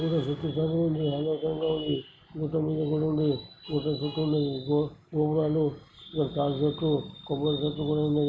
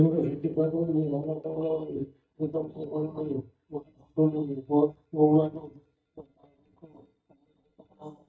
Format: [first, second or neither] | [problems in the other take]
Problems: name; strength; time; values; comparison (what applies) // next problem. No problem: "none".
first | noise reduction (neural mask model DeepFilterNet 3)